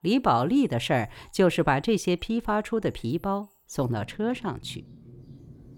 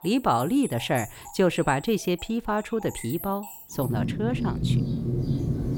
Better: first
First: rain or running water; faint; throughout; 25 dB below the speech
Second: rain or running water; loud; throughout; 4 dB below the speech

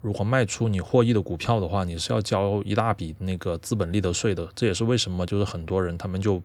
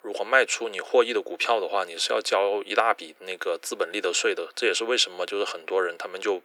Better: first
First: none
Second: thin; very; fading below 400 Hz

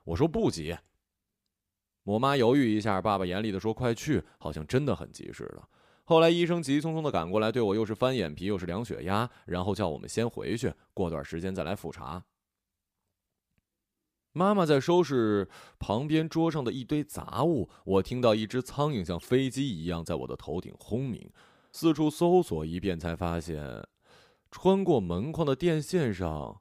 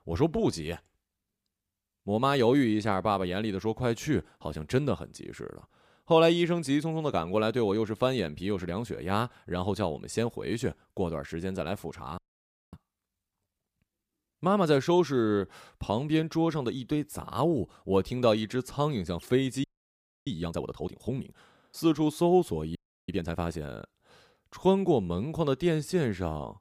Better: first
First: none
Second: audio freezing; at 12 s for 0.5 s, at 20 s for 0.5 s and at 23 s

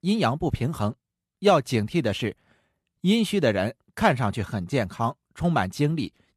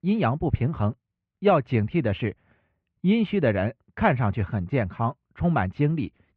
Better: first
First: none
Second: muffled; very; fading above 2.5 kHz

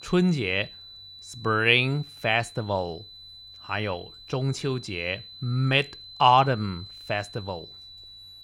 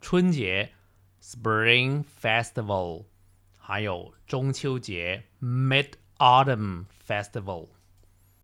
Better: second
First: high-pitched whine; noticeable; throughout; 4 kHz, 15 dB below the speech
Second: none

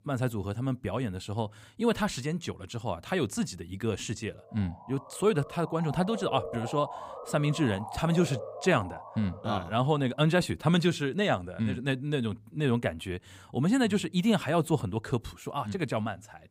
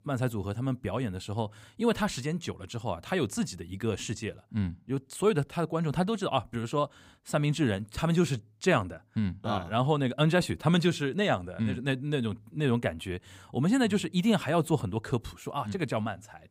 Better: second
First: siren; noticeable; from 4.5 to 10 s; peak 8 dB below the speech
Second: none

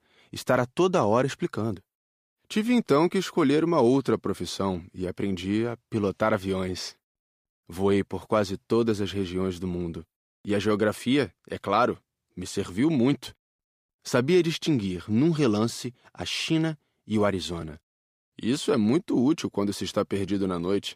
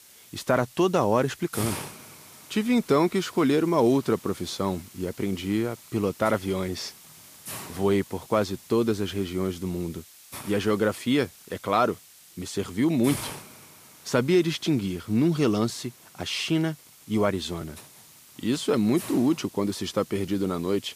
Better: first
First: none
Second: hiss; noticeable; throughout; 15 dB below the speech

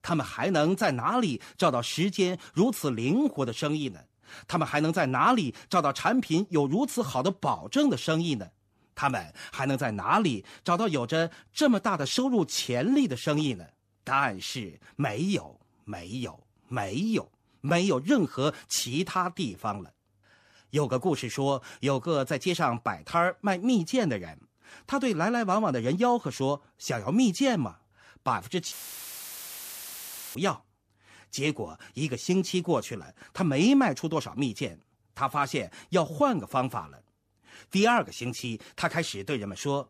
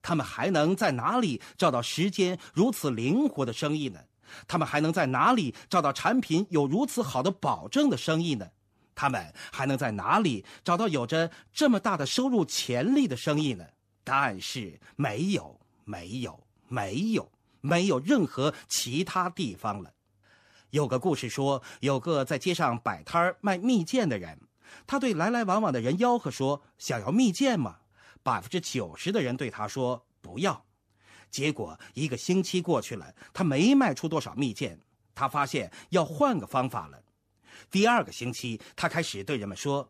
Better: second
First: audio cutting out; filled with static; at 29 s for 1.5 s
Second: none

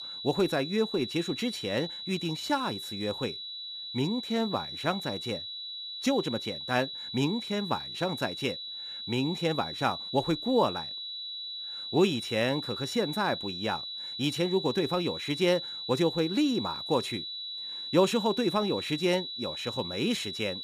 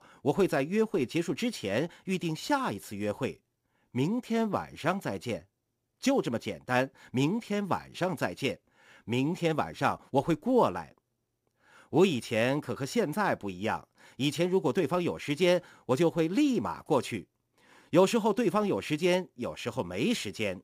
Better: second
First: high-pitched whine; loud; throughout; 4 kHz, 6 dB below the speech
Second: none

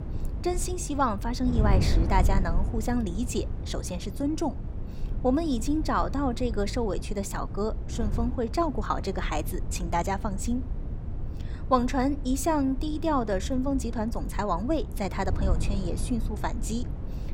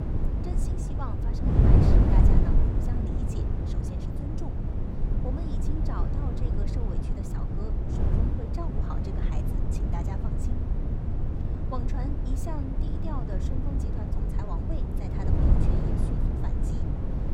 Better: first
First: wind noise on the microphone; occasional gusts; 15 dB below the speech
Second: wind noise on the microphone; heavy; 5 dB above the speech

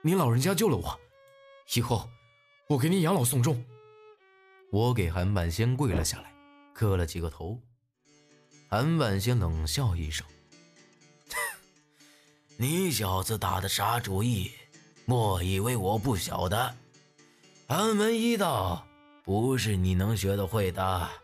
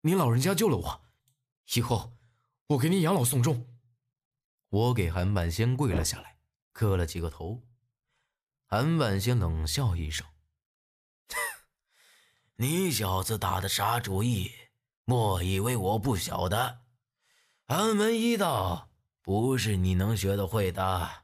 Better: second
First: background music; faint; throughout; 30 dB below the speech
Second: none

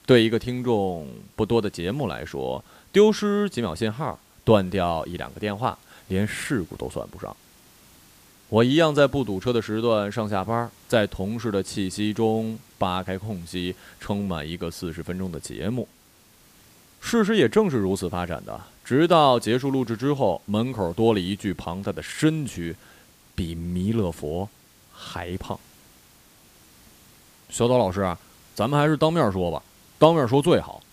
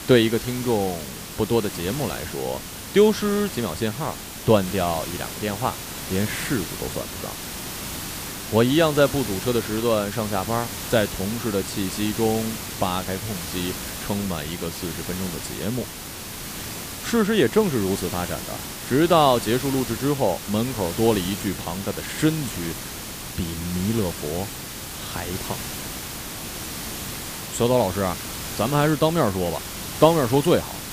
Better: first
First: hiss; faint; throughout; 30 dB below the speech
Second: hiss; loud; throughout; 8 dB below the speech

